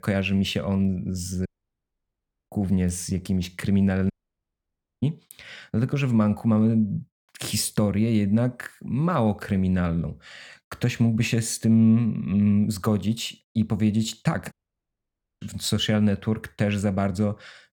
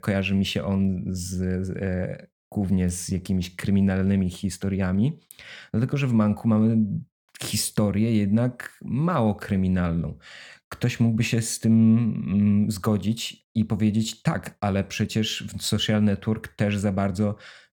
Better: second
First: audio cutting out; at 1.5 s for 1 s, at 4 s for 1 s and at 15 s for 1 s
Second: none

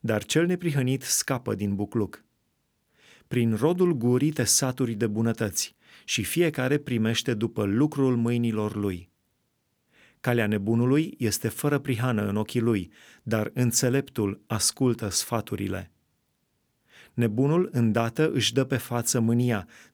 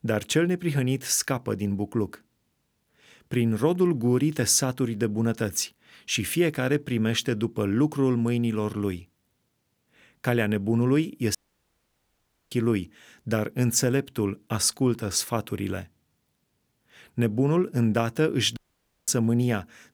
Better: first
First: none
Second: audio cutting out; at 11 s for 1 s and at 19 s for 0.5 s

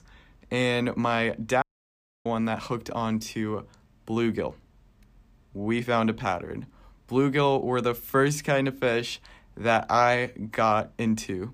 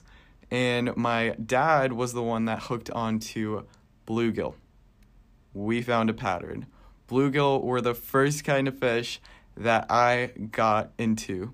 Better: second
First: audio cutting out; at 1.5 s for 0.5 s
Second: none

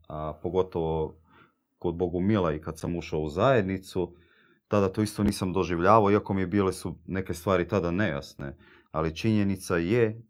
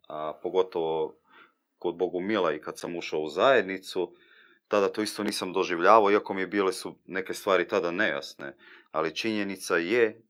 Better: first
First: none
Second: thin; somewhat; fading below 400 Hz

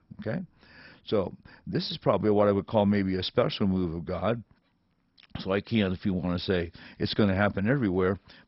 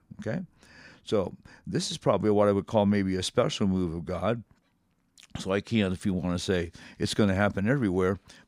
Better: second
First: garbled, watery; badly; nothing above 5.5 kHz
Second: none

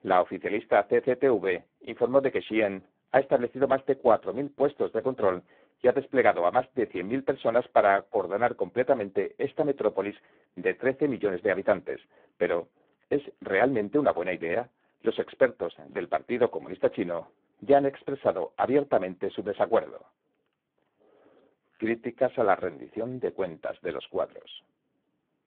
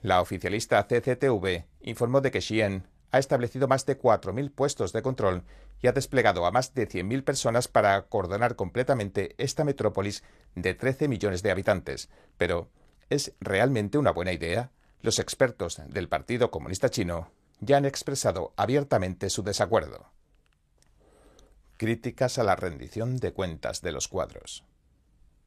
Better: second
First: phone-call audio; poor line; nothing above 3.5 kHz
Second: none

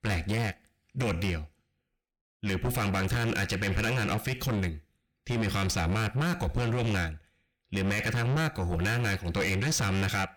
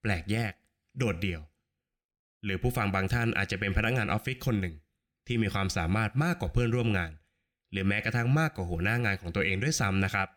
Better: second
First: distortion; heavy; 6 dB below the speech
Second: none

